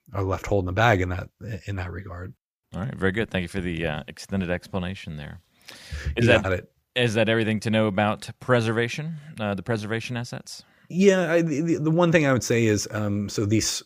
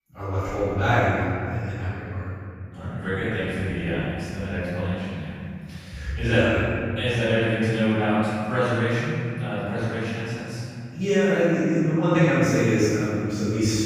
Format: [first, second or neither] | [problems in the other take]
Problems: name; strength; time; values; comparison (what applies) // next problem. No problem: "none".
first | off-mic speech; far // room echo; strong; dies away in 2.3 s